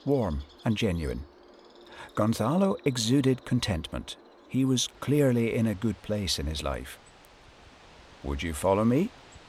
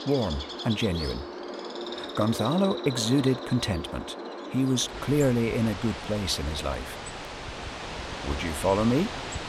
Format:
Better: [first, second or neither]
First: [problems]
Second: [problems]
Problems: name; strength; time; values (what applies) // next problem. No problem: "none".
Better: first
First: animal sounds; faint; throughout; 25 dB below the speech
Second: animal sounds; loud; throughout; 8 dB below the speech